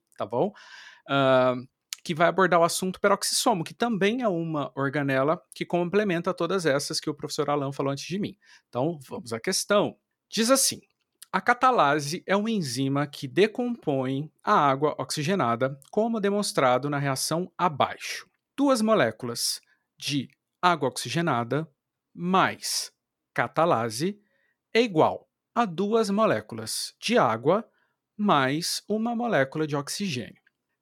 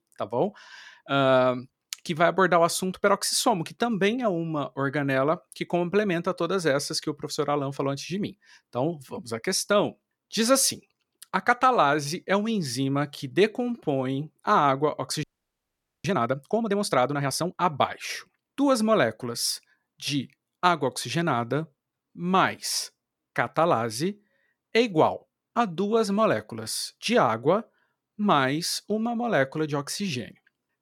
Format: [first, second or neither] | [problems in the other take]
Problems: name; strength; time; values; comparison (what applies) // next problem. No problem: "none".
first | audio freezing; at 15 s for 1 s